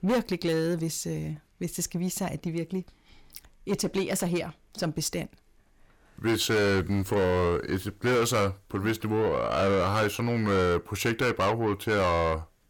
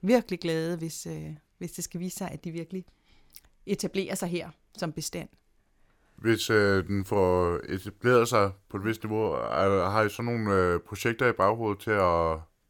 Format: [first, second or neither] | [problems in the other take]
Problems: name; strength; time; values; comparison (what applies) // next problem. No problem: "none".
second | distortion; heavy; 7 dB below the speech